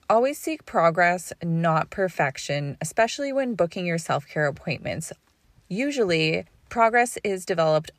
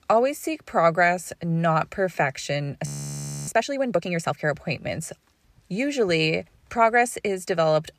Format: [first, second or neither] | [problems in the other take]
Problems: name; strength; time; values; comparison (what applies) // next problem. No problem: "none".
first | audio freezing; at 3 s for 0.5 s